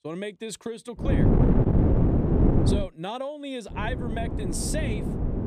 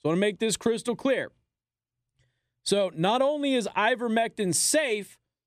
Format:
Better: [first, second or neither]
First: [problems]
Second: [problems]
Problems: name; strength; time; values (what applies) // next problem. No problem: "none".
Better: second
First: wind noise on the microphone; heavy; from 1 to 3 s and from 3.5 s on; 3 dB above the speech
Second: none